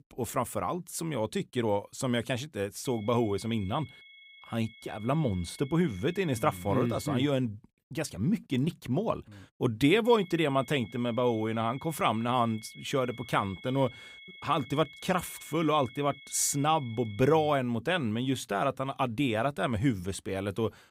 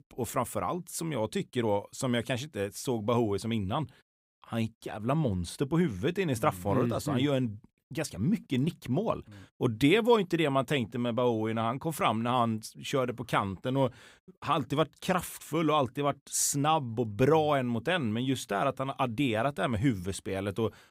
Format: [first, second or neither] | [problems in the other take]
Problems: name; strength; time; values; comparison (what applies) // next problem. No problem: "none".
second | high-pitched whine; noticeable; from 3 to 7 s and from 10 to 18 s; 2 kHz, 20 dB below the speech